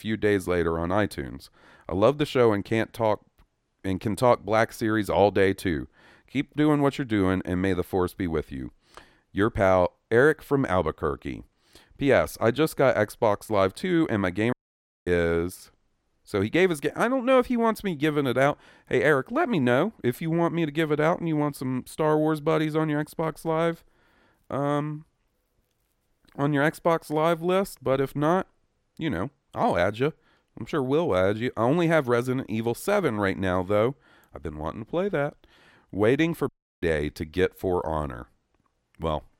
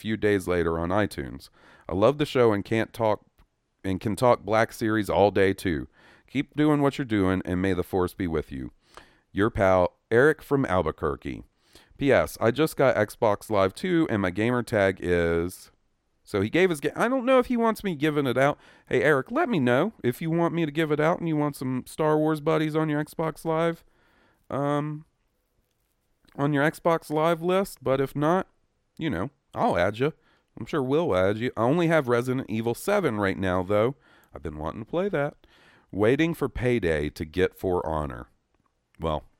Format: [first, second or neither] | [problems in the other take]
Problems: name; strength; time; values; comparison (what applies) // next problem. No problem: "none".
second | audio cutting out; at 15 s for 0.5 s and at 36 s